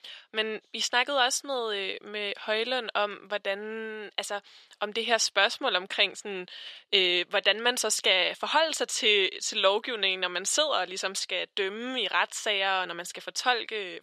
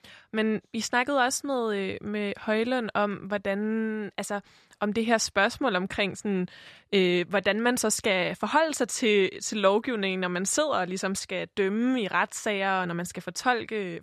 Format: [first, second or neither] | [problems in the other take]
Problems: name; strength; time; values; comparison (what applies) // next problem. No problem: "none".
second | thin; somewhat; fading below 500 Hz